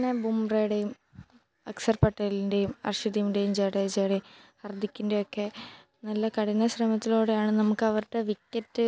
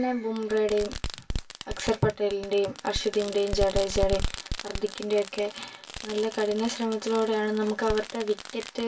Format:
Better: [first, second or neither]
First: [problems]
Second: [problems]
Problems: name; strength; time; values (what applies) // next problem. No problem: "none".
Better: first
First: none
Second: background sound (Fireworks); 8 dB below the speech // room echo; dies away in 0.1 s